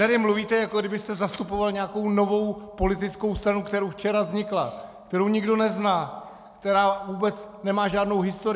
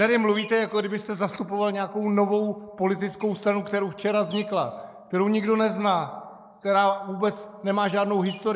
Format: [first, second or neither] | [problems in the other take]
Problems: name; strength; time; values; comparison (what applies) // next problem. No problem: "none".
first | noise reduction (neural mask model Resemble Enhance denoiser)